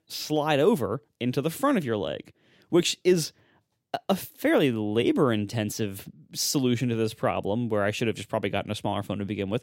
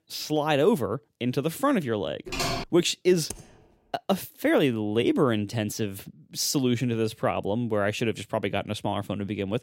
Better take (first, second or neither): first